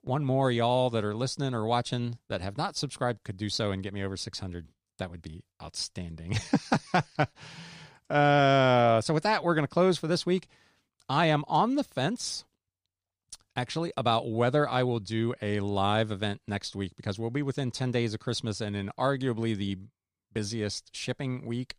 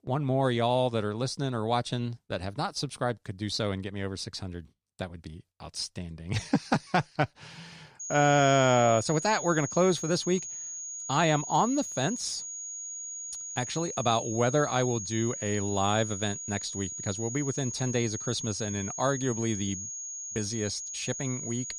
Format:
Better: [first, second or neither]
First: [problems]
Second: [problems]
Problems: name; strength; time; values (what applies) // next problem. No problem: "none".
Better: first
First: none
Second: high-pitched whine; loud; from 8 s on; 6.5 kHz, 6 dB below the speech